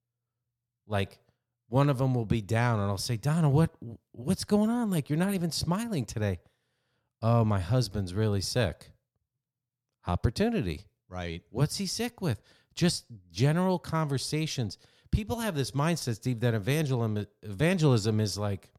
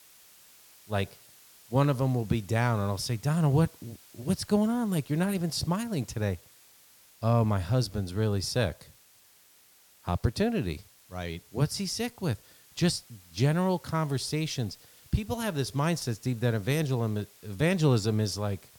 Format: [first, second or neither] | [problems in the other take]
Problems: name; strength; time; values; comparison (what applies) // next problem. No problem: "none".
first | hiss; faint; throughout; 25 dB below the speech